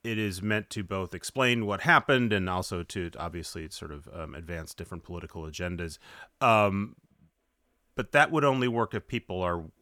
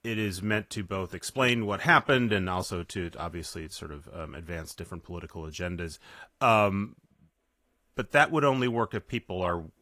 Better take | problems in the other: first | garbled, watery; slightly; nothing above 14.5 kHz

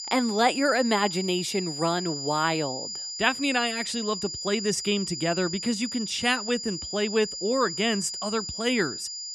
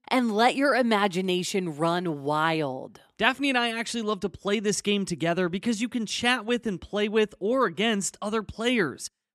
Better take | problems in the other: second | high-pitched whine; loud; throughout; 5 kHz, 6 dB below the speech

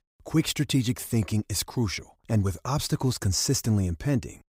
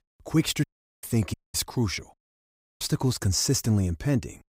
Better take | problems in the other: first | audio cutting out; at 0.5 s, at 1.5 s and at 2 s for 0.5 s

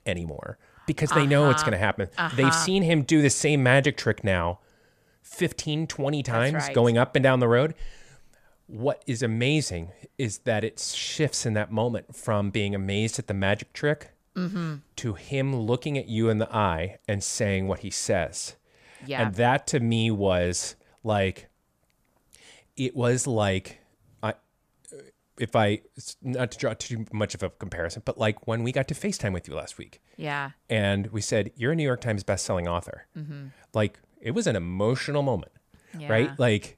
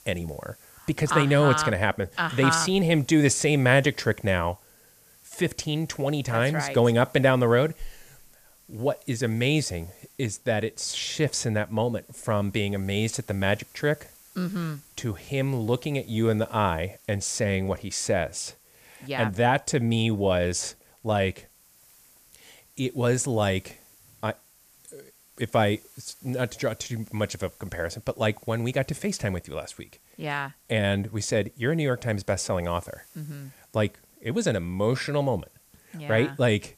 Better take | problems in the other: first | hiss; faint; throughout; 25 dB below the speech

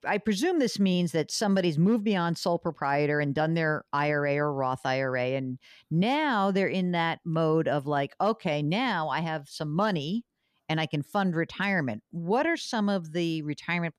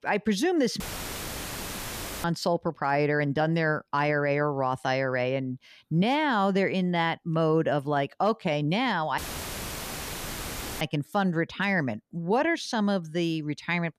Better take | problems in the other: first | audio cutting out; filled with static; at 1 s for 1.5 s and at 9 s for 1.5 s

